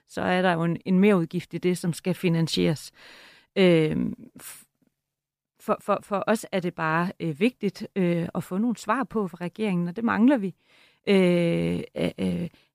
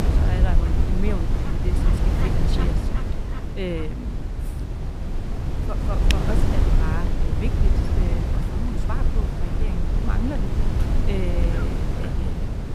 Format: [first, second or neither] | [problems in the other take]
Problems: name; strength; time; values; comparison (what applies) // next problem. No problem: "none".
first | wind noise on the microphone; heavy; 2 dB above the speech